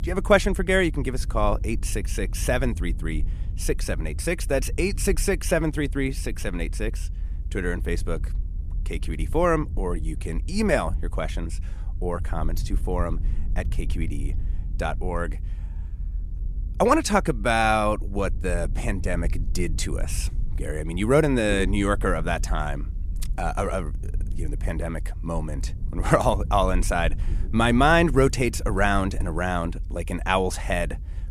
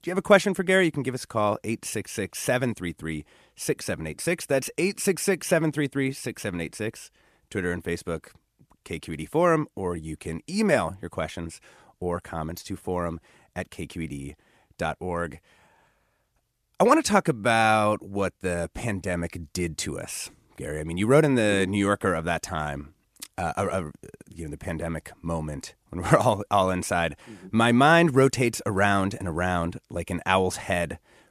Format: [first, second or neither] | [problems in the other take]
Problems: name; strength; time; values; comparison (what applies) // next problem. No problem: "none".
second | low rumble; faint; throughout; 25 dB below the speech